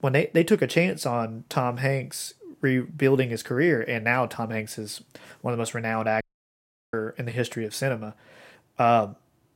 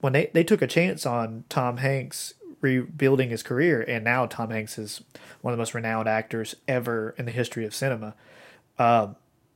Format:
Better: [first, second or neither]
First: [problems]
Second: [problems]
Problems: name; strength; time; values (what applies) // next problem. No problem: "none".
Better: second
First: audio cutting out; at 6 s for 0.5 s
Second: none